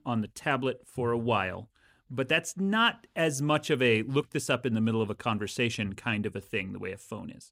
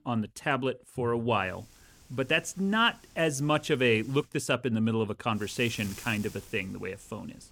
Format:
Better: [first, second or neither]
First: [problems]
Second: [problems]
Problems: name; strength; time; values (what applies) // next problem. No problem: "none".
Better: first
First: none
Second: wind noise on the microphone; occasional gusts; from 1.5 to 4 s and from 5.5 s on; 25 dB below the speech